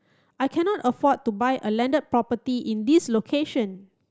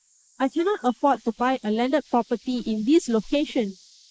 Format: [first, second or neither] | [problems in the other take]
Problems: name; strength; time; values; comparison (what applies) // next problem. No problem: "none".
first | noise reduction (neural mask model Resemble Enhance denoiser)